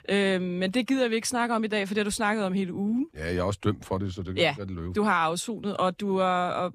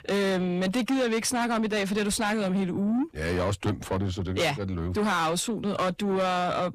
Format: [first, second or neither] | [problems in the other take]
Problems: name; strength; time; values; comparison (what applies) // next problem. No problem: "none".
first | distortion; heavy; 8 dB below the speech